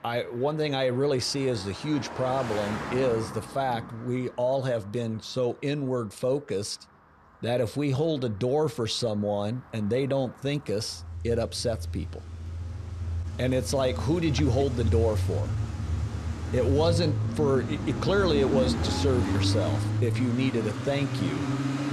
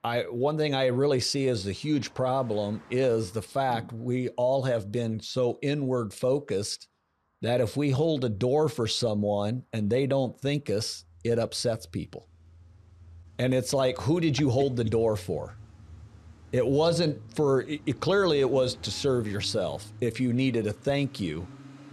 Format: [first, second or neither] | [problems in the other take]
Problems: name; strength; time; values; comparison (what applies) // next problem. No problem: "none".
second | traffic noise; loud; throughout; 3 dB below the speech; faint in the second